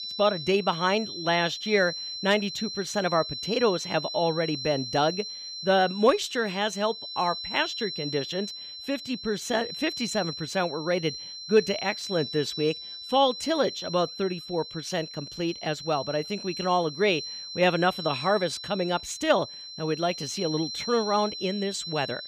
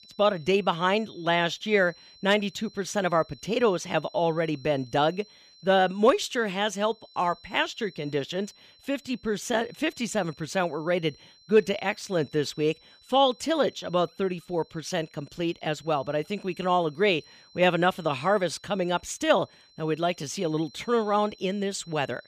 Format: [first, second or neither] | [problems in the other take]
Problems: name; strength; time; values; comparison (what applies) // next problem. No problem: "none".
second | high-pitched whine; loud; throughout; 4 kHz, 8 dB below the speech; faint in the second